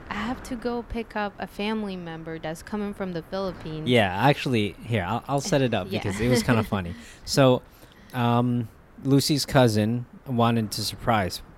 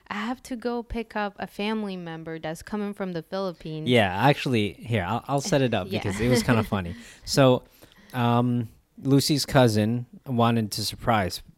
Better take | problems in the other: second | wind noise on the microphone; occasional gusts; 25 dB below the speech

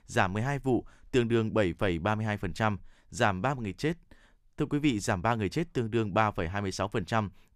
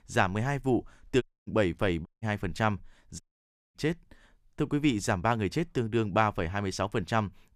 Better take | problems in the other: first | audio cutting out; at 1 s, at 2 s and at 3 s for 0.5 s

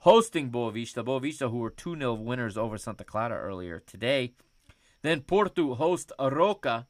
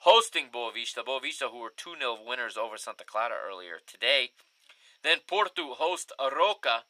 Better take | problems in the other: first | thin; very; fading below 550 Hz

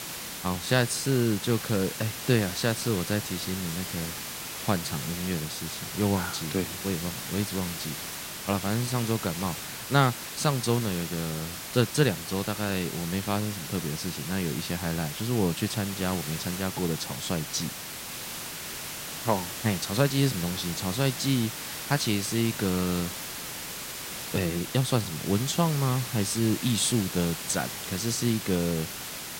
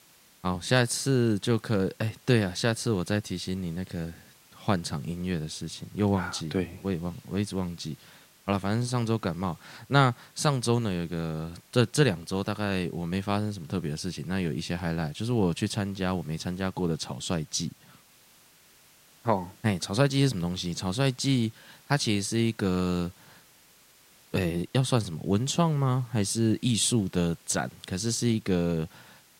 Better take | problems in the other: second | hiss; loud; throughout; 6 dB below the speech; faint in the second

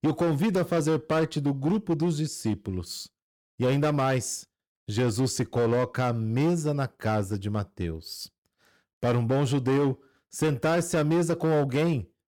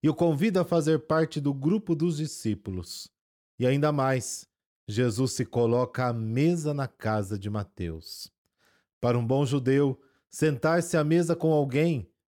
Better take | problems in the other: second | distortion; slight; 11% of the sound clipped

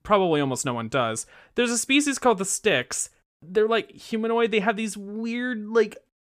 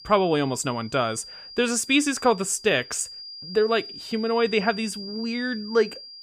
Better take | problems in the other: first | high-pitched whine; noticeable; throughout; 5 kHz, 15 dB below the speech

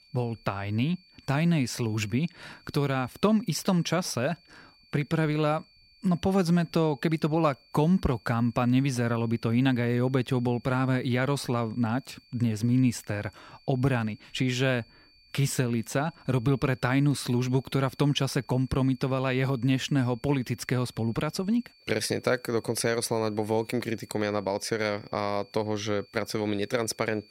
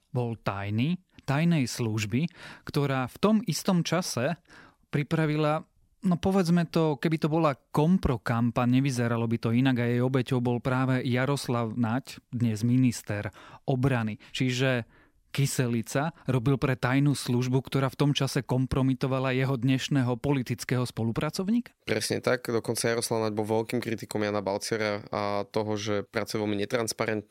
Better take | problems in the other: second | high-pitched whine; faint; throughout; 4.5 kHz, 30 dB below the speech

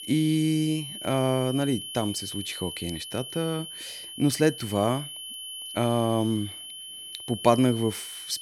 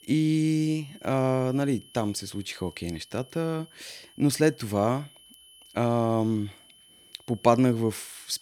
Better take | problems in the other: second | high-pitched whine; loud; throughout; 3 kHz, 10 dB below the speech; faint in the second

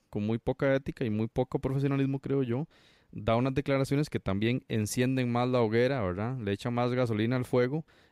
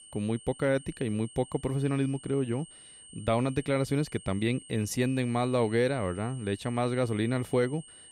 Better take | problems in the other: first | high-pitched whine; noticeable; throughout; 8.5 kHz, 20 dB below the speech

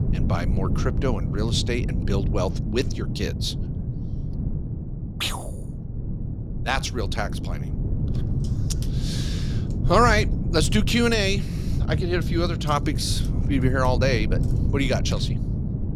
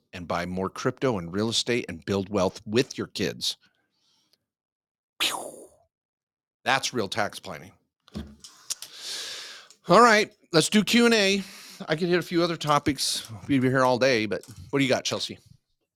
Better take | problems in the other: second | wind noise on the microphone; occasional gusts; 10 dB below the speech

